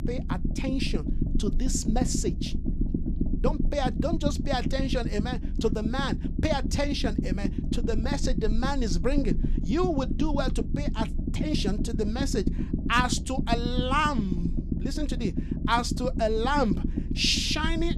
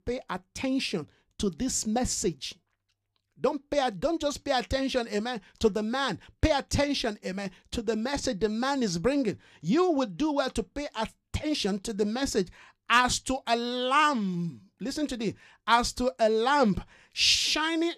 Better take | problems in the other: second | low rumble; loud; throughout; 9 dB below the speech

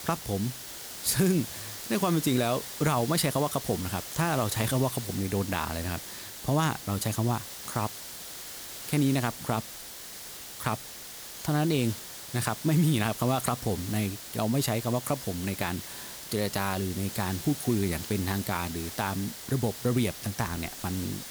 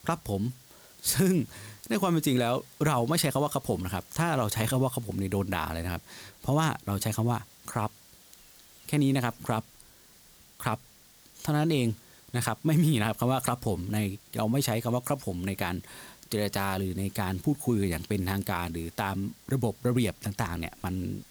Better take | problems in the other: second | hiss; loud; throughout; 8 dB below the speech; faint in the second

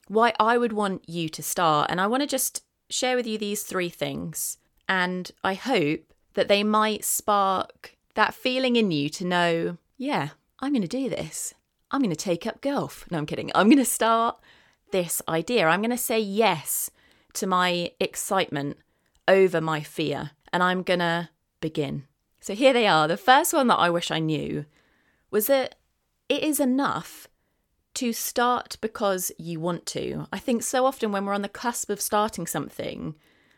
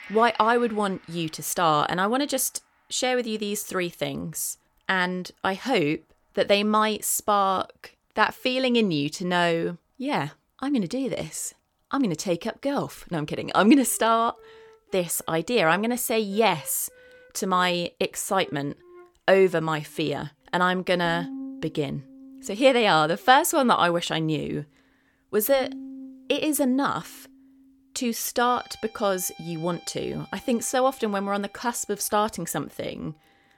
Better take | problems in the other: first | background music; faint; throughout; 20 dB below the speech

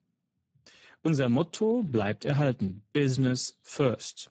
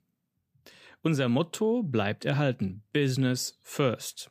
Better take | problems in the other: second | garbled, watery; badly; nothing above 8 kHz

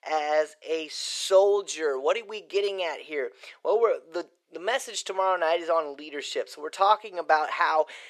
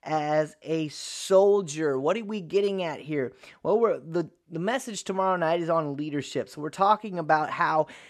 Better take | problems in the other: second | thin; very; fading below 450 Hz

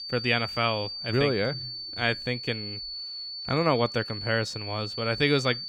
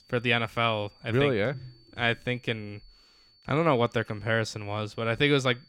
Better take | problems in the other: second | high-pitched whine; loud; throughout; 4.5 kHz, 7 dB below the speech; faint in the second

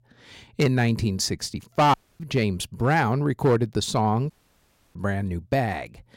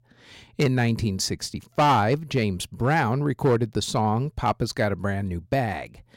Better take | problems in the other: second | audio cutting out; at 2 s and at 4.5 s for 0.5 s

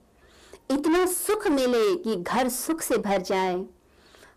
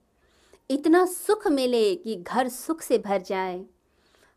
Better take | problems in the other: second | distortion; heavy; 7 dB below the speech

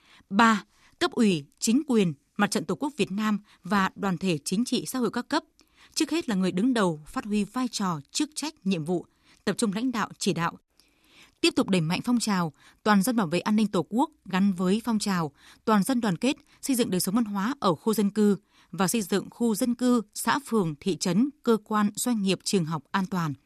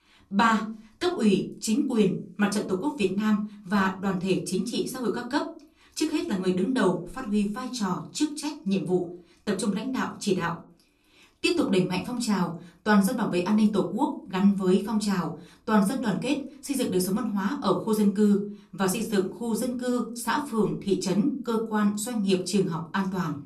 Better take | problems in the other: first | off-mic speech; somewhat distant // room echo; very slight; dies away in 0.3 s

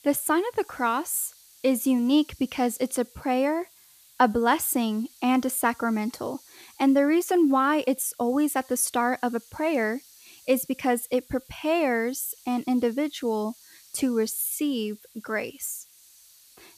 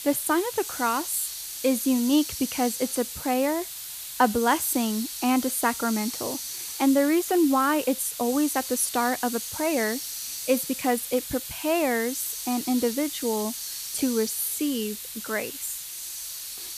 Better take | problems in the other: first | hiss; loud; throughout; 7 dB below the speech; faint in the first

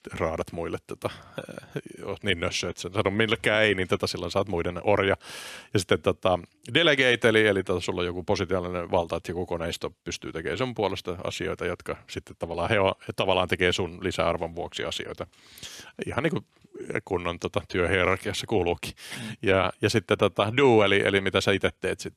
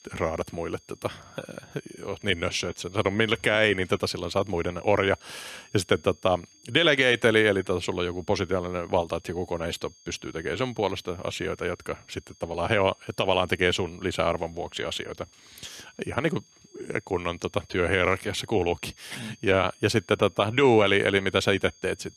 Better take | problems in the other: first | high-pitched whine; faint; throughout; 6.5 kHz, 30 dB below the speech

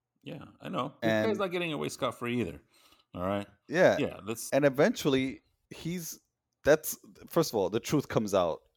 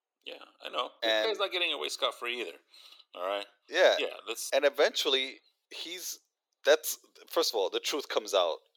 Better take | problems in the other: first | thin; very; fading below 400 Hz

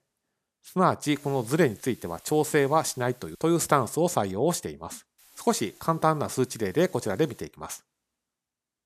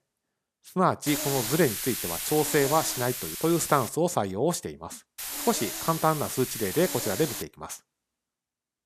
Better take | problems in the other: first | hiss; loud; from 1 to 4 s and from 5 to 7.5 s; 5 dB below the speech; faint in the first

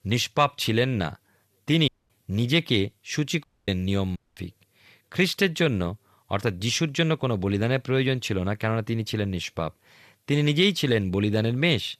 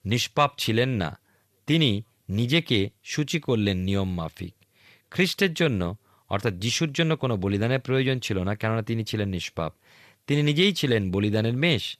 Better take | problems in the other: second | audio cutting out; at 2 s, at 3.5 s and at 4 s

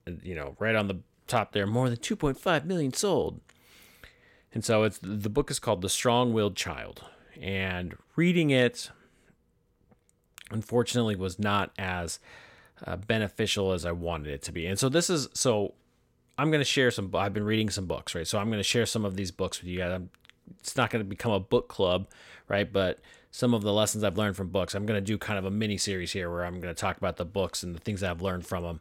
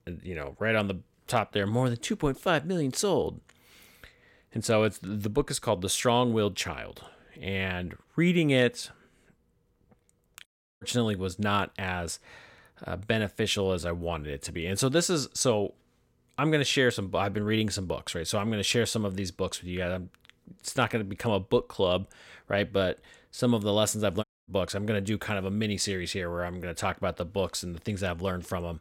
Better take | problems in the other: first | audio cutting out; at 10 s and at 24 s

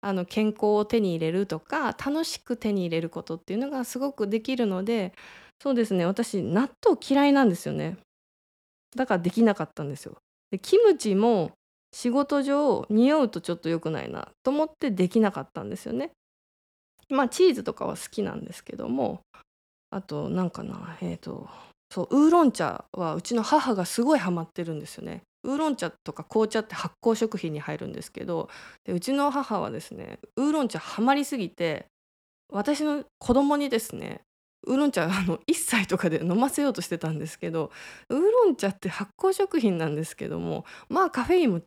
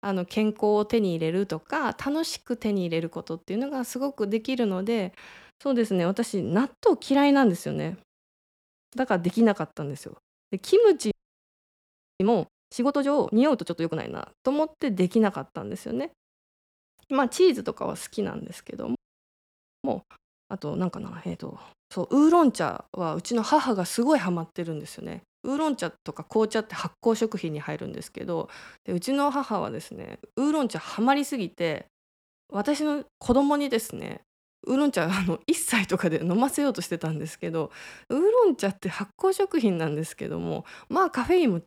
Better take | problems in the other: first | audio freezing; at 11 s for 1 s and at 19 s for 1 s

